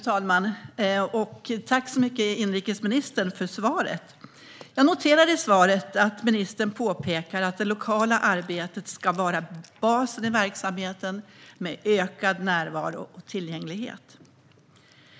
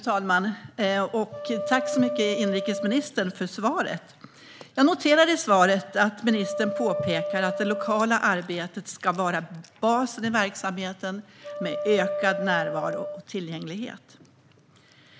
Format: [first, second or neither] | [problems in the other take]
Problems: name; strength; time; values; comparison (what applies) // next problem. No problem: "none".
first | background sound (Wind instrument, woodwind instrument); 7 dB below the speech